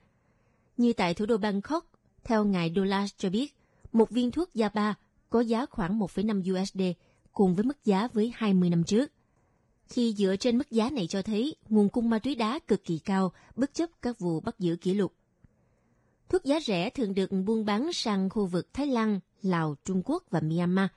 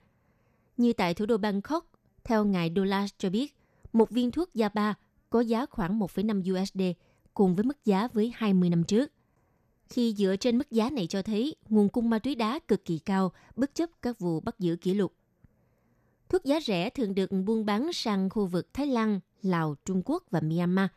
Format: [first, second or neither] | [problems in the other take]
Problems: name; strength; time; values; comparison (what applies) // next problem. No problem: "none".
second | garbled, watery; badly; nothing above 10.5 kHz